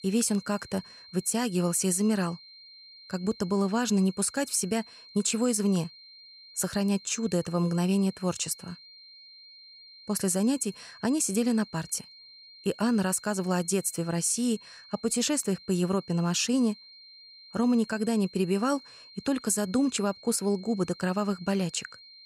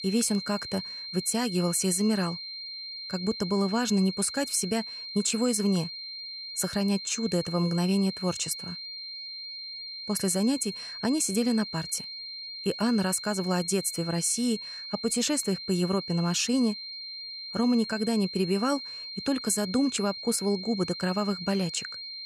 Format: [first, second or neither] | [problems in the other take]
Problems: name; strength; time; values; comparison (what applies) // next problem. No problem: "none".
first | high-pitched whine; loud; throughout; 4 kHz, 8 dB below the speech; faint in the first